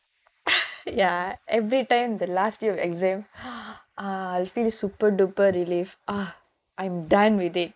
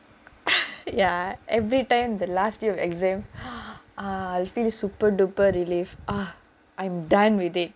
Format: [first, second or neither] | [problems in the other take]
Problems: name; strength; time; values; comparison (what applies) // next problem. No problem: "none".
second | noise reduction (neural mask model Resemble Enhance denoiser)